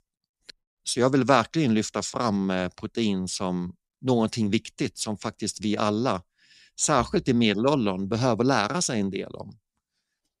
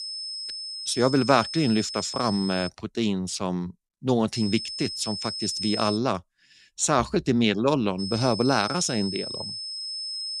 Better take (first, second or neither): first